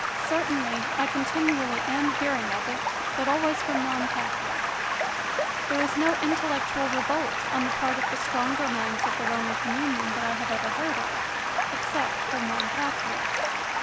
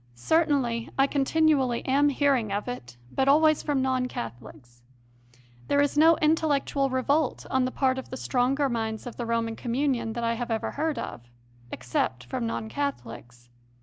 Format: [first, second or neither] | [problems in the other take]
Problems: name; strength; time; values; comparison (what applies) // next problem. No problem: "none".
second | background sound (Stream); 2 dB above the speech